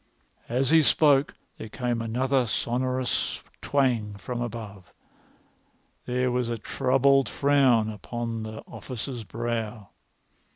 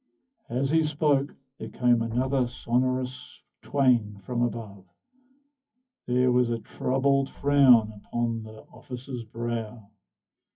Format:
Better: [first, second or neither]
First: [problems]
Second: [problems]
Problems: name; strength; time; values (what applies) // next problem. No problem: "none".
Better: first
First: none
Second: noise reduction (classical method WPE with log-MMSE)